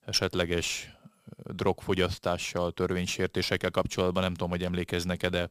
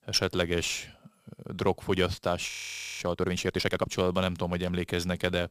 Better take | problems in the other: first | audio freezing; at 2.5 s for 0.5 s

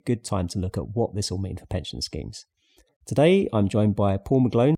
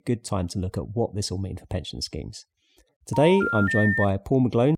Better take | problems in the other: first | phone ringing; loud; at 3 s; peak 1 dB above the speech

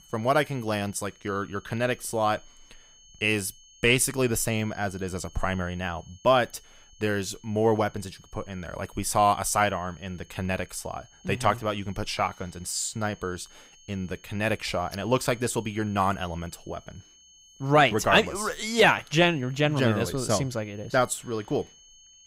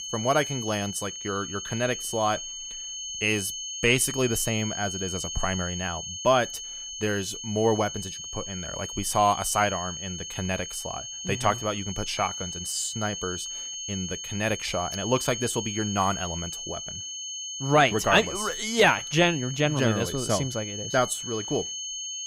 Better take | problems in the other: first | high-pitched whine; loud; throughout; 3 kHz, 6 dB below the speech; faint in the first

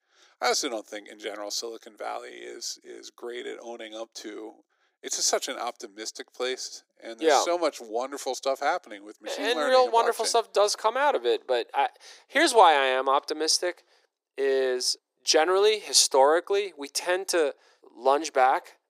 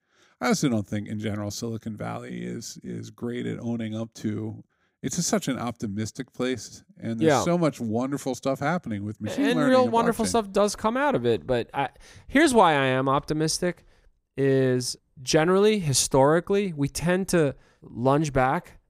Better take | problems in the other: second | thin; very; fading below 350 Hz

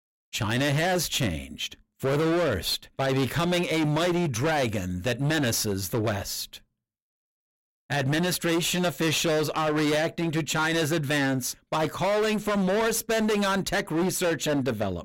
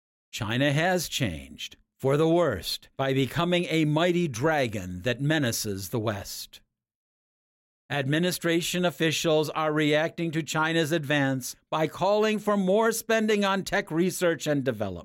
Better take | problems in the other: second | distortion; heavy; 24% of the sound clipped

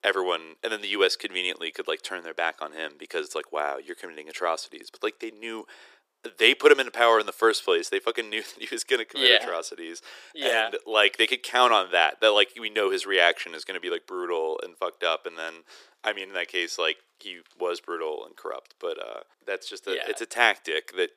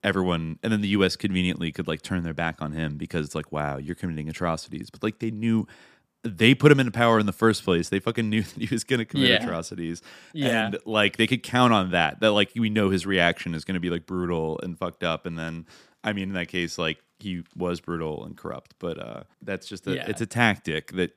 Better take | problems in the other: second | thin; very; fading below 400 Hz

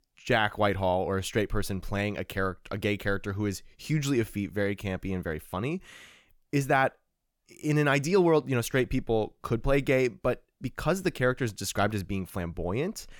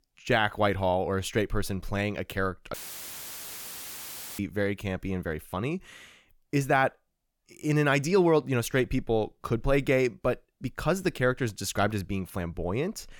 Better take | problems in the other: first | audio cutting out; filled with static; at 2.5 s for 1.5 s

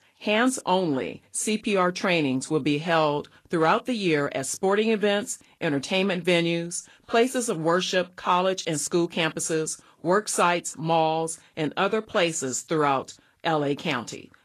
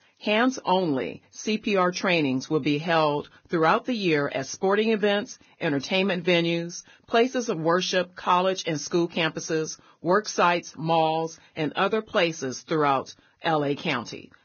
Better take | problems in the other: first | garbled, watery; badly; nothing above 6.5 kHz; slightly in the first

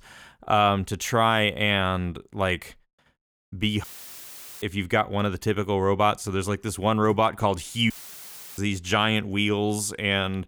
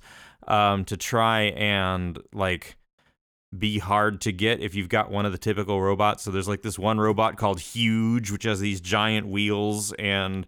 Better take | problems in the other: second | audio cutting out; filled with static; at 4 s for 1 s and at 8 s for 0.5 s

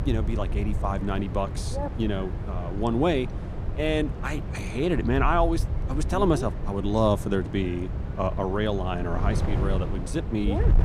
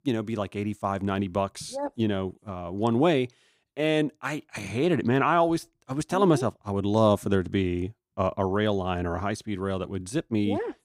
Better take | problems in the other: second | wind noise on the microphone; occasional gusts; 10 dB below the speech

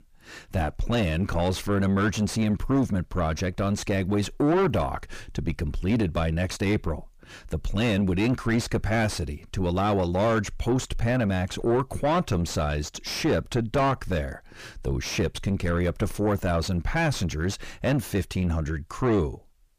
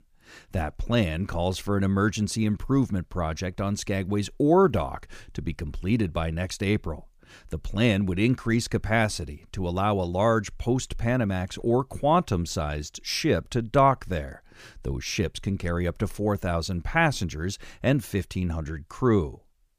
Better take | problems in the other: second | distortion; heavy; 6 dB below the speech

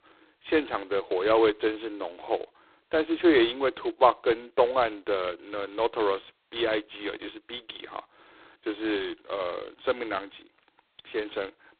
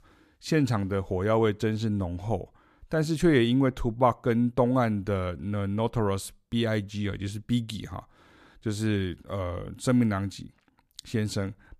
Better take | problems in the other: second | phone-call audio; poor line; nothing above 4 kHz

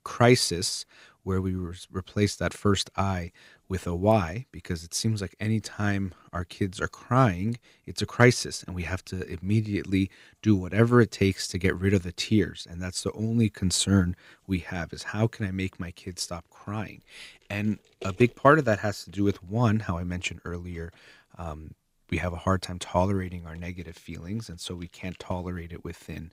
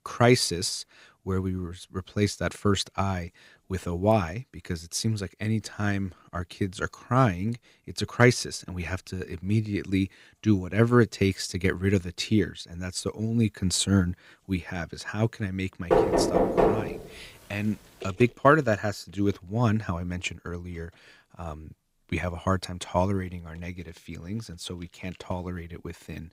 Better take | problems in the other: first | door banging; loud; from 16 to 17 s; peak 5 dB above the speech

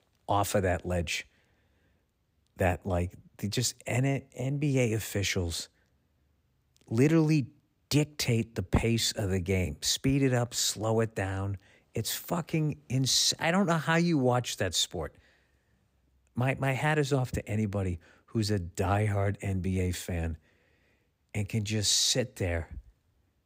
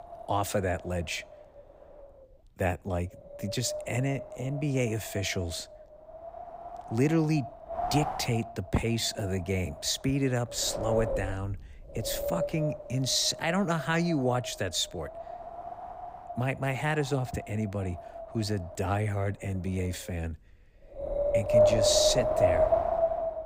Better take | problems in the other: first | wind noise on the microphone; heavy; 1 dB above the speech

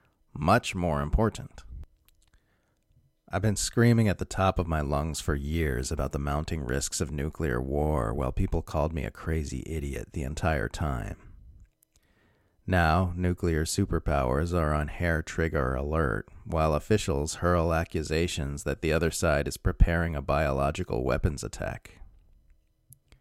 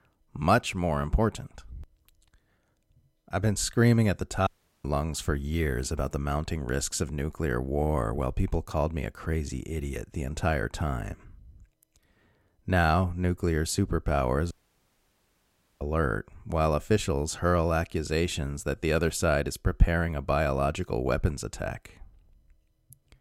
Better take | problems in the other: first | audio cutting out; at 4.5 s and at 15 s for 1.5 s

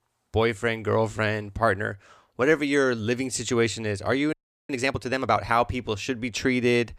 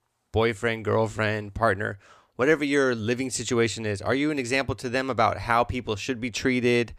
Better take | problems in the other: second | audio freezing; at 4.5 s

